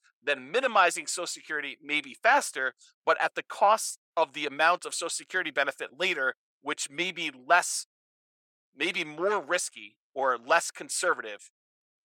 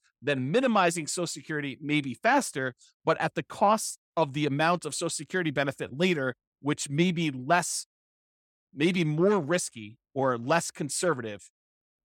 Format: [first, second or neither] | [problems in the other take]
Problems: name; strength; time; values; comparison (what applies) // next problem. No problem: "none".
second | thin; very; fading below 600 Hz